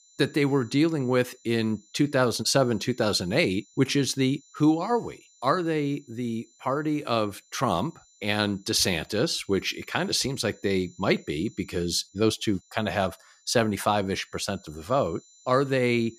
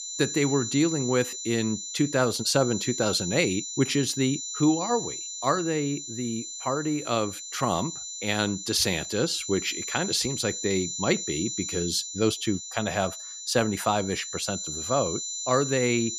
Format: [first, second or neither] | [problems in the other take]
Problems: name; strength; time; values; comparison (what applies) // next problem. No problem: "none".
first | high-pitched whine; loud; throughout; 7 kHz, 6 dB below the speech; faint in the first